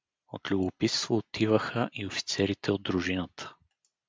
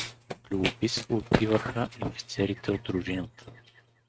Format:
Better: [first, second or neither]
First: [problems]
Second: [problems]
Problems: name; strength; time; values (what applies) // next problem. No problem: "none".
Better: first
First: none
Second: noise reduction (neural mask model RNNoise)